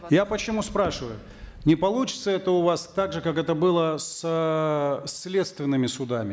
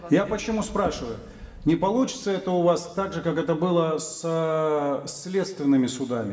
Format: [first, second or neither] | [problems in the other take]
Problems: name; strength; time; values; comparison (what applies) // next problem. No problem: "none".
first | room echo; dies away in 1.6 s